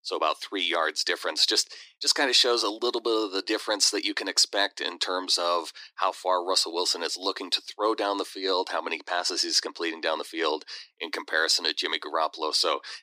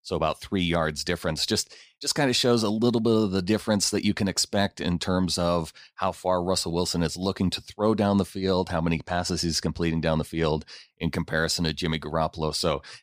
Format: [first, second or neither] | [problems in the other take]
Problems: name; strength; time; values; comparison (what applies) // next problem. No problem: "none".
second | thin; very; fading below 300 Hz